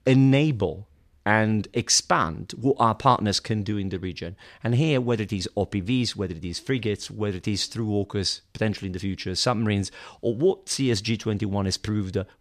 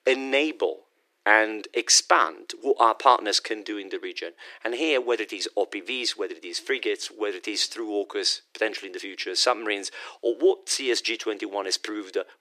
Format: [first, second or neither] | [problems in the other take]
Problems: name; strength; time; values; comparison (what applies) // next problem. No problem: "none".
first | thin; very; fading below 350 Hz